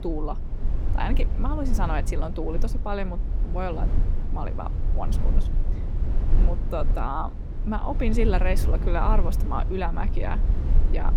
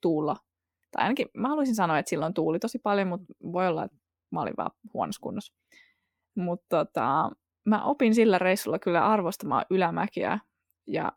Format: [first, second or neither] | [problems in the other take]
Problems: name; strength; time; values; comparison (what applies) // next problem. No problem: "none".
second | low rumble; noticeable; throughout; 10 dB below the speech